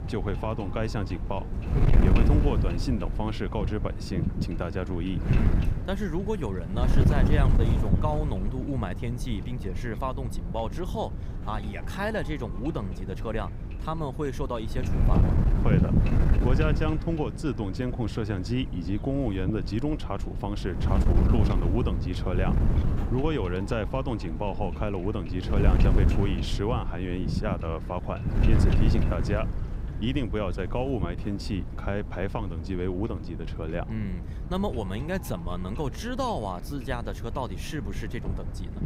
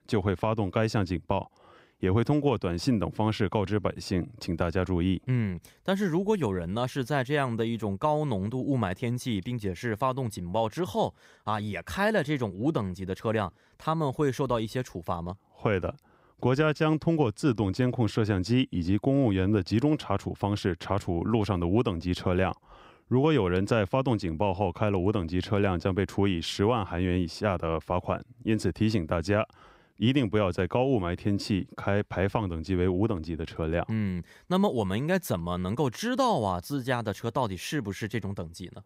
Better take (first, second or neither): second